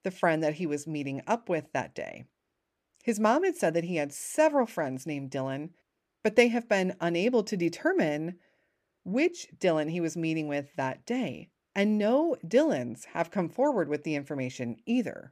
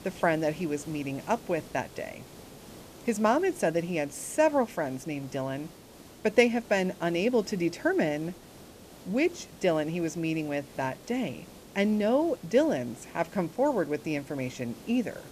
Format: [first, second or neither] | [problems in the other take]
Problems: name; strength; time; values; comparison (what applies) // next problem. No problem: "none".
first | hiss; noticeable; throughout; 20 dB below the speech